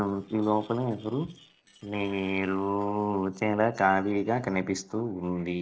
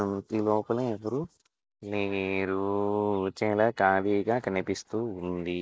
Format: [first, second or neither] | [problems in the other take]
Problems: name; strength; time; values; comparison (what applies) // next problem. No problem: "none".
second | noise reduction (neural separator model SepFormer DNS4)